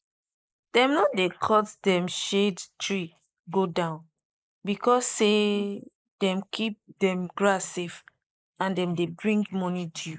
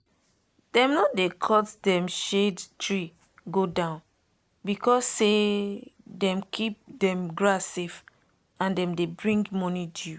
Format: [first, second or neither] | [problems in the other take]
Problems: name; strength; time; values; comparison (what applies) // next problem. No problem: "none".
second | noise reduction (neural mask model Resemble Enhance denoiser)